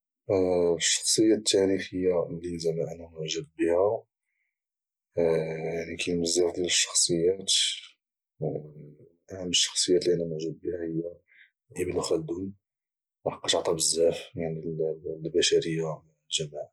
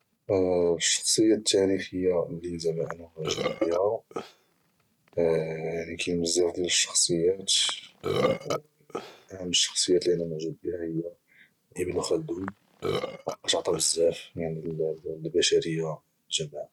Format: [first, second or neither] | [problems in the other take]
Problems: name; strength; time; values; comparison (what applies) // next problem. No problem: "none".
first | noise reduction (neural mask model RNNoise)